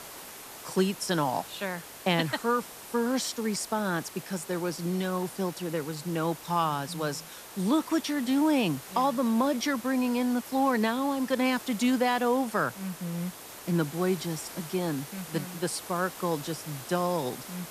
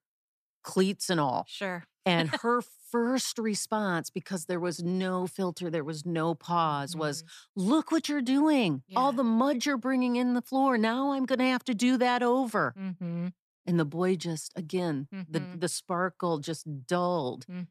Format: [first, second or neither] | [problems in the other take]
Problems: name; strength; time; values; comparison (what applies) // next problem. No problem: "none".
second | hiss; noticeable; throughout; 15 dB below the speech